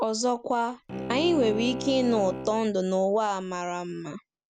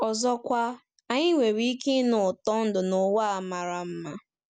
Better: second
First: background sound (Bowed string instrument); 10 dB below the speech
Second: none

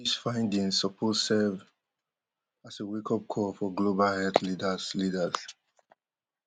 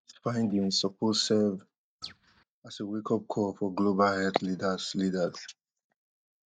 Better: first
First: none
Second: noise reduction (neural mask model DeepFilterNet 3)

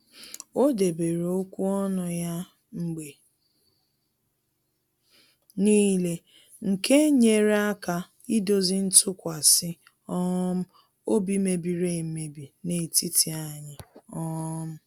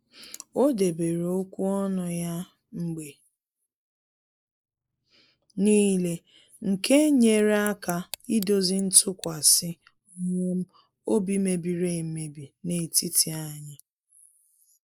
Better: first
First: none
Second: noise reduction (neural mask model Resemble Enhance denoiser)

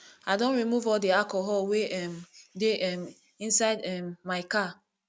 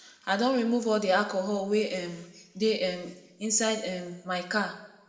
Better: first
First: none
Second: room echo; dies away in 0.8 s

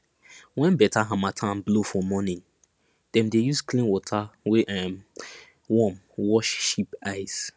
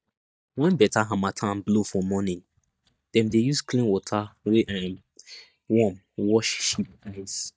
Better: first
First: none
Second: noise reduction (neural mask model DeepFilterNet 3)

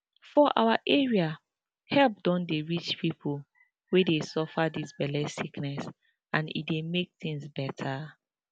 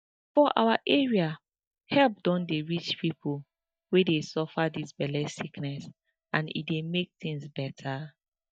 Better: first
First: none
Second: noise reduction (neural mask model DeepFilterNet 3)

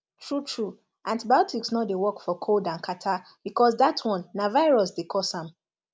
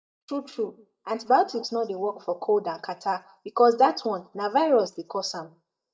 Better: first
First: none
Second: noise reduction (neural mask model DeepFilterNet 3)

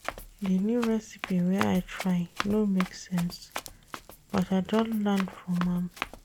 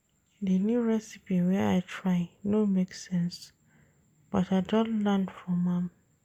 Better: second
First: background sound (Run); 12 dB below the speech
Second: none

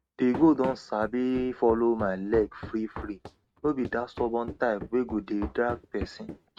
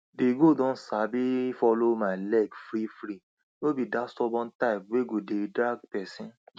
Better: second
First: noise reduction (neural mask model RNNoise)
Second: none

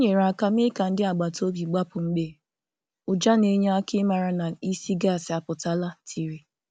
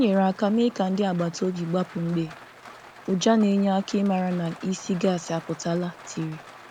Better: first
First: none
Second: background sound (Rain); 20 dB below the speech

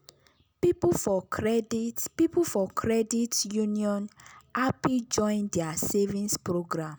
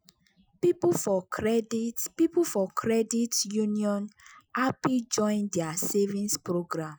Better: first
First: none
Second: noise reduction (classical method Wiener filter)

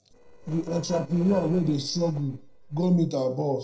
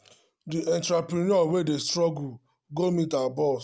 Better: second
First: noise reduction (neural separator model SepFormer DNS4)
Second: none

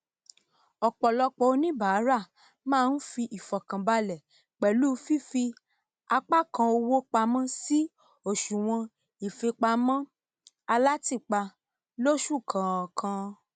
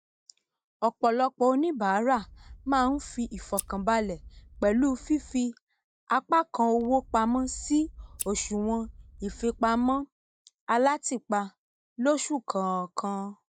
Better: first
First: none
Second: noise reduction (neural mask model DeepFilterNet 3)

